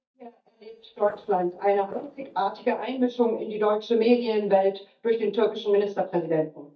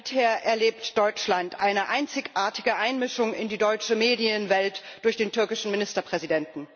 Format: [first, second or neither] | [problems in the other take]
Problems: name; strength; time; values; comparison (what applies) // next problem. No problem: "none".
second | noise reduction (neural mask model DeepFilterNet 3)